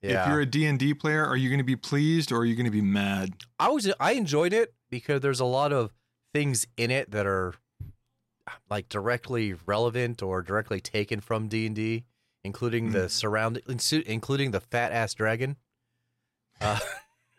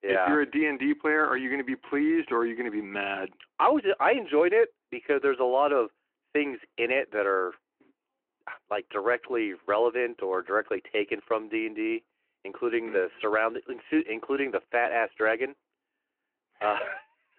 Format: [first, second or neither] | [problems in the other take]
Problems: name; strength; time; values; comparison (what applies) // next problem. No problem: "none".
first | phone-call audio